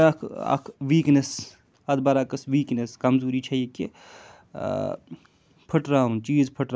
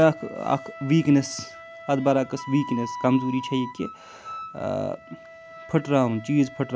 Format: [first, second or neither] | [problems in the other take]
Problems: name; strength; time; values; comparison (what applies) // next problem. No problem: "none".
first | background sound (Wind instrument, woodwind instrument); 14 dB below the speech